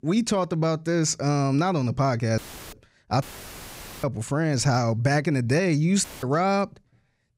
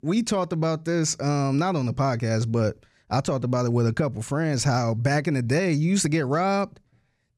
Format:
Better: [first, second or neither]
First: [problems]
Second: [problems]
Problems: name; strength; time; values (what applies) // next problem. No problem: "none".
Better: second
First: audio cutting out; filled with static; at 2.5 s, at 3 s for 1 s and at 6 s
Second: none